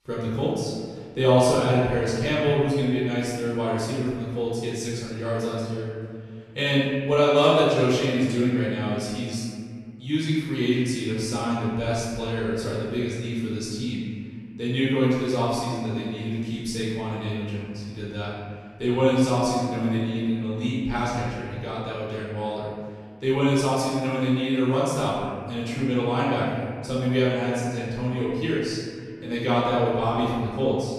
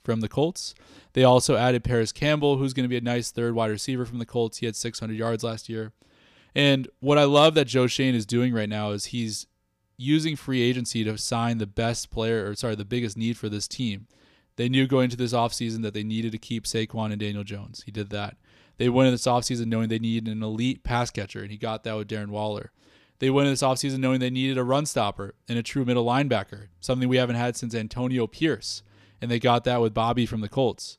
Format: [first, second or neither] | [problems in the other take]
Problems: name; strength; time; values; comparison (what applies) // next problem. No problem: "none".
second | off-mic speech; far // room echo; strong; dies away in 1.9 s